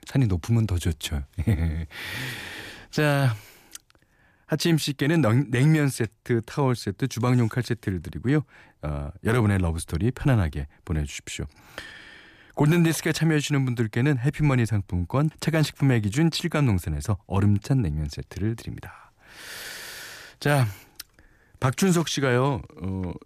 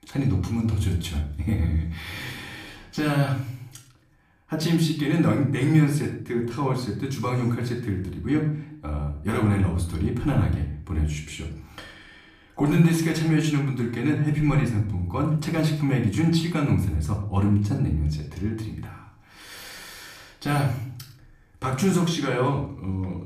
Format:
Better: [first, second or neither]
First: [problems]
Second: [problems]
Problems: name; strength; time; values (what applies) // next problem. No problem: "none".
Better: first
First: none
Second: off-mic speech; far // room echo; slight; dies away in 0.5 s